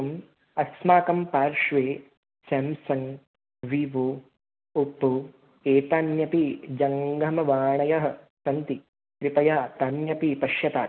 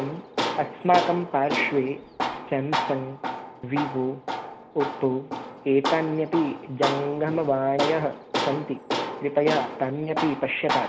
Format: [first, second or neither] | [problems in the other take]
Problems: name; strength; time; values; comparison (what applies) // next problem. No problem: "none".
first | background sound (Tools); 5 dB below the speech